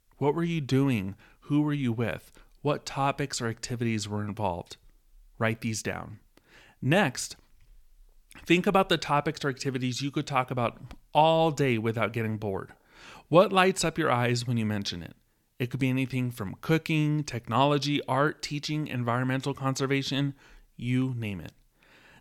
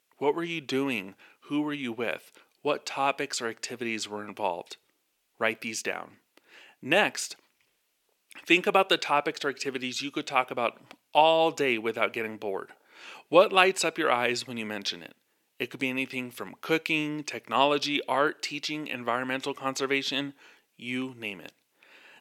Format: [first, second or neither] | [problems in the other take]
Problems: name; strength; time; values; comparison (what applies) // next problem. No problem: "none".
first | thin; somewhat; fading below 400 Hz